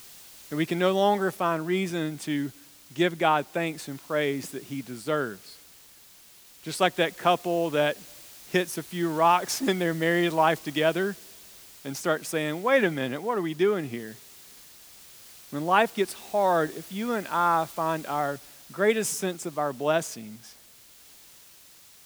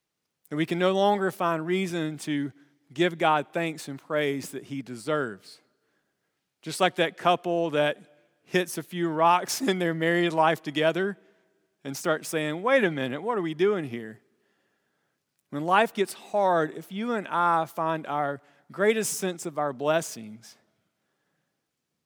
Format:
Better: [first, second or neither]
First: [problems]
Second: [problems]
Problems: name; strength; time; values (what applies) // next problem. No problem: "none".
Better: second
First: hiss; noticeable; throughout; 20 dB below the speech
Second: none